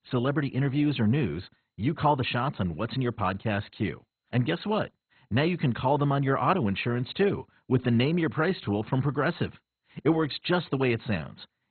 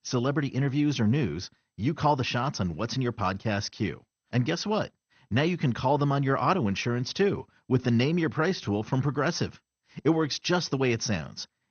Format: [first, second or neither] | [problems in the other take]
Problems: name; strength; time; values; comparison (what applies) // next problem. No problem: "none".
second | garbled, watery; badly; nothing above 4 kHz; slightly in the second